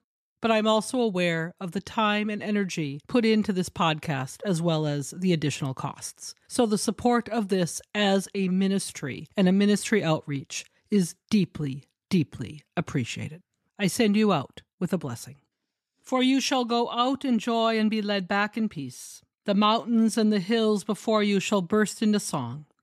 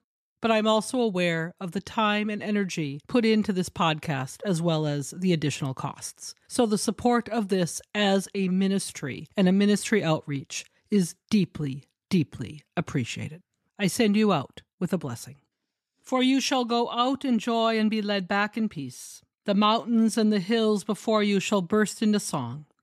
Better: neither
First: none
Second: none

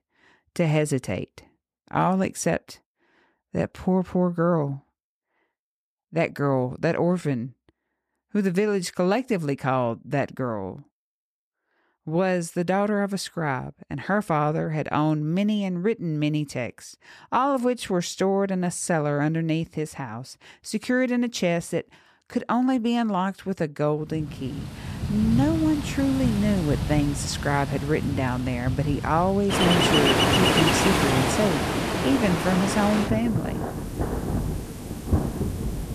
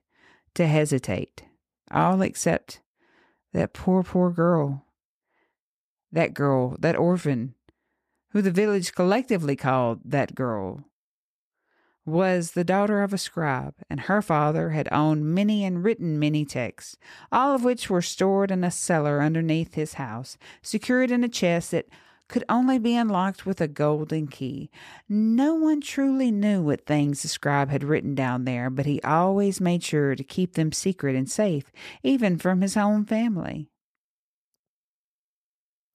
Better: second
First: rain or running water; loud; from 25 s on; as loud as the speech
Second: none

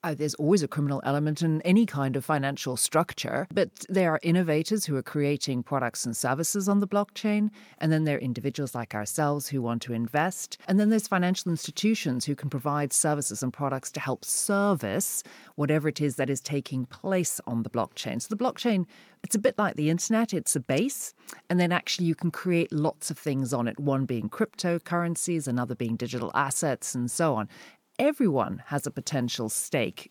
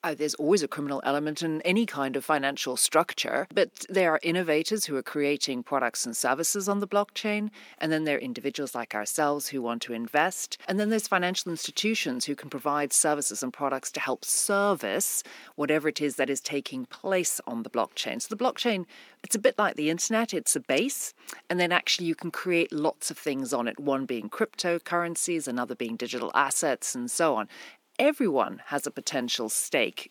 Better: first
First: none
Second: thin; very slightly; fading below 250 Hz

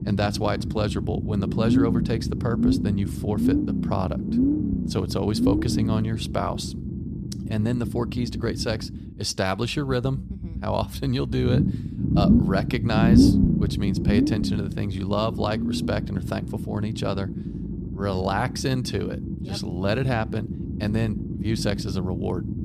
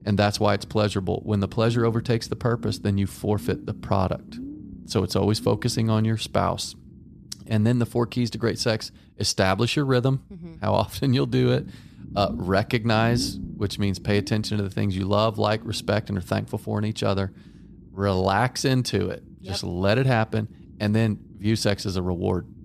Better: second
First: low rumble; loud; throughout; 3 dB below the speech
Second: low rumble; faint; throughout; 20 dB below the speech

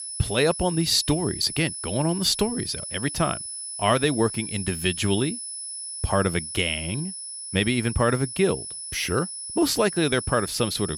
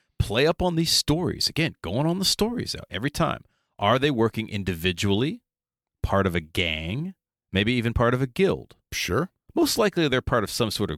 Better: second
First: high-pitched whine; loud; throughout; 10 kHz, 7 dB below the speech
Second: none

